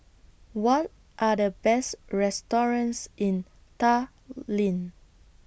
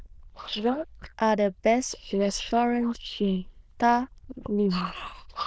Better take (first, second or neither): first